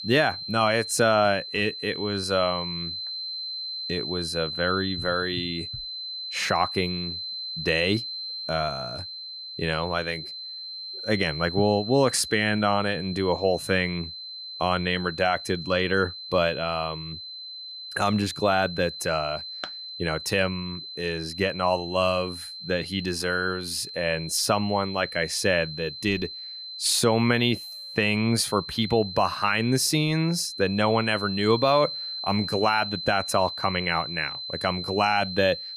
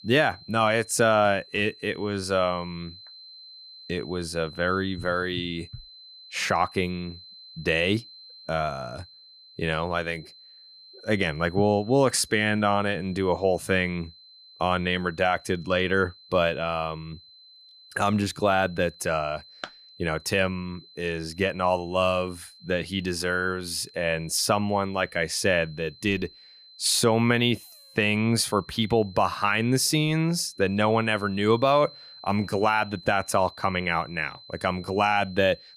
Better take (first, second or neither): second